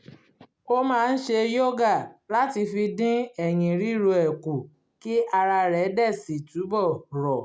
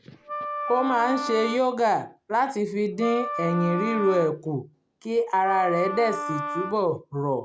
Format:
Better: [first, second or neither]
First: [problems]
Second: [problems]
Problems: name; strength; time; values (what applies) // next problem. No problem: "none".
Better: first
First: none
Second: background sound (Wind instrument, woodwind instrument); 7 dB below the speech